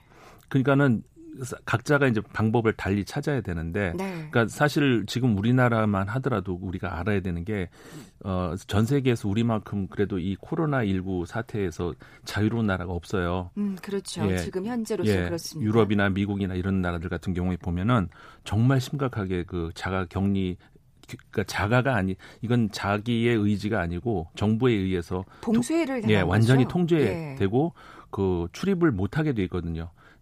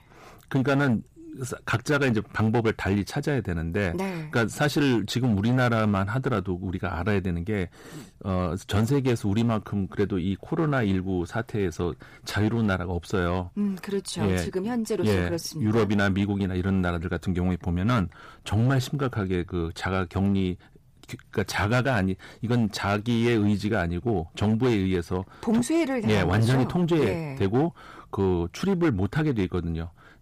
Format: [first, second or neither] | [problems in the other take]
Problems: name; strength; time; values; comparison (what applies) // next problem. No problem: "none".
first | distortion; slight; 7% of the sound clipped